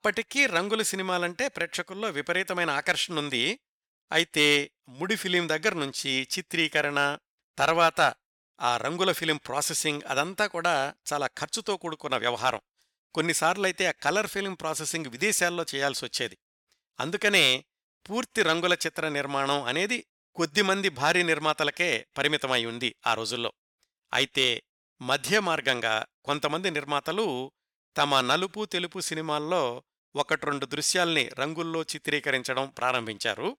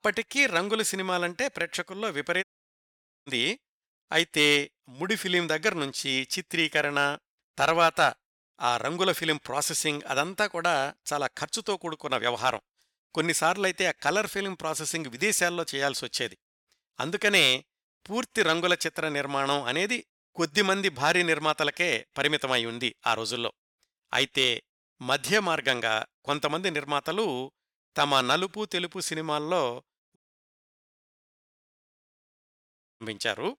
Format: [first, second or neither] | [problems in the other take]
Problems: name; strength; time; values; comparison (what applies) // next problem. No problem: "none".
first | audio cutting out; at 2.5 s for 1 s and at 30 s for 3 s